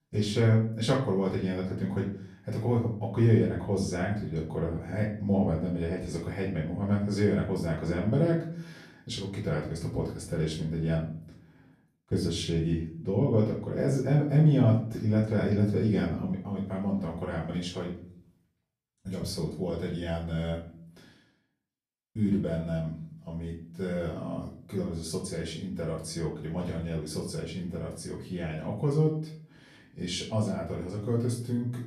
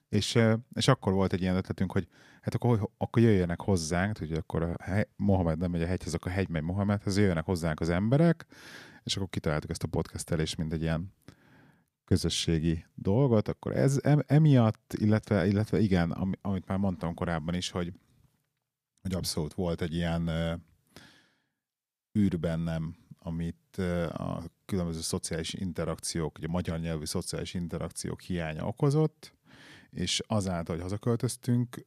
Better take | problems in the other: second | off-mic speech; far // room echo; noticeable; dies away in 0.5 s

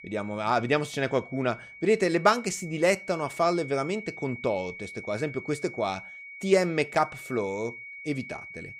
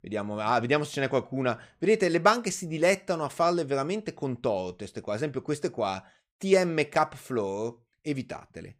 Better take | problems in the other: second | high-pitched whine; noticeable; throughout; 2 kHz, 15 dB below the speech

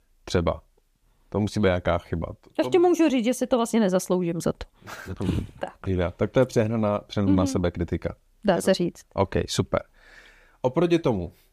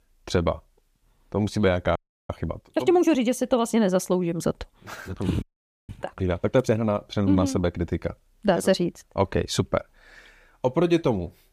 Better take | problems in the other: first | audio freezing; at 2 s and at 5.5 s

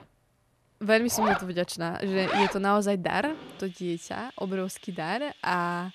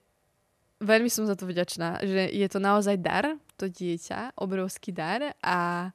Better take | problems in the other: second | household noises; loud; throughout; 2 dB below the speech

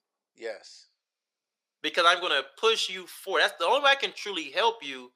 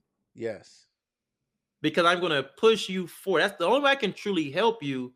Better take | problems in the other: second | thin; very; fading below 700 Hz

